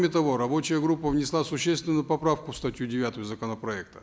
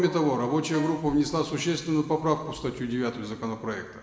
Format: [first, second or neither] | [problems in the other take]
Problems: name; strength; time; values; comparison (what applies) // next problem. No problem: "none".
first | background sound (Wind instrument, woodwind instrument); 16 dB below the speech // room echo; dies away in 1.7 s